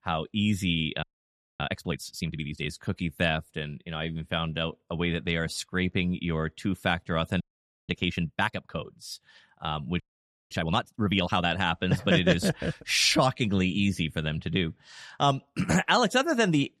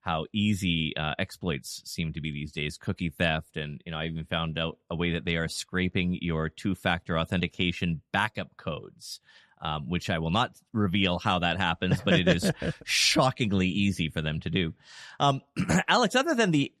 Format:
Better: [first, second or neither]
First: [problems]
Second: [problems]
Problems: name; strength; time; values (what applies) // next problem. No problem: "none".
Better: second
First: audio freezing; at 1 s for 0.5 s, at 7.5 s and at 10 s for 0.5 s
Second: none